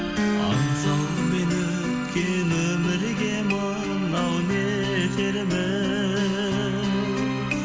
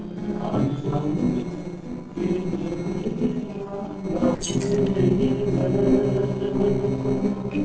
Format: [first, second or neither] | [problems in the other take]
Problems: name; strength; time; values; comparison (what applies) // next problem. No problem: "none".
first | noise reduction (neural separator model SepFormer DNS4)